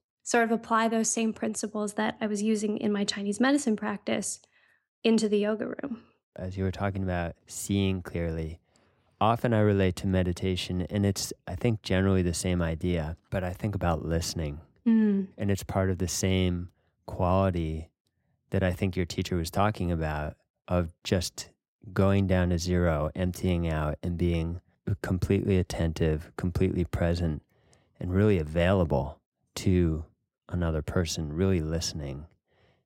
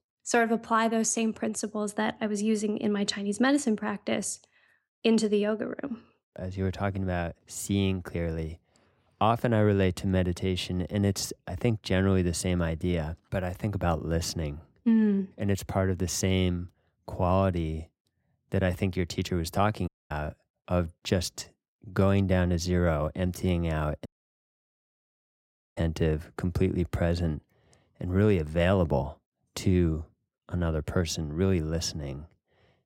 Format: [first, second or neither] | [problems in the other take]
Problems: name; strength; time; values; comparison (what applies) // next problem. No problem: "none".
first | audio cutting out; at 20 s and at 24 s for 1.5 s